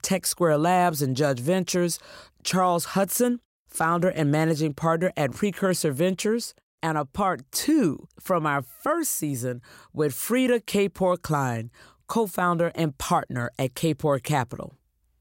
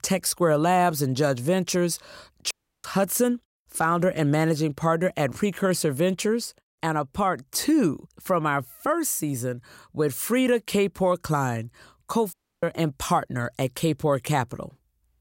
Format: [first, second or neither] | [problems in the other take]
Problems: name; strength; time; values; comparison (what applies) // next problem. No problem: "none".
first | audio cutting out; at 2.5 s and at 12 s